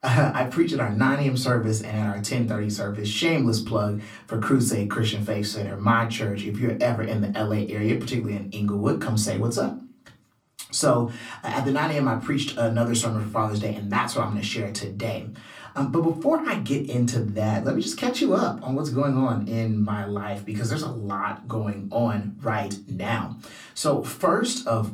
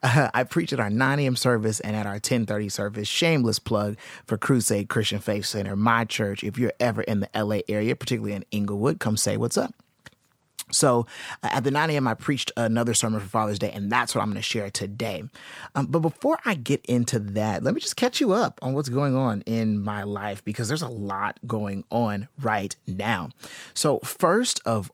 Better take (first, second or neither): second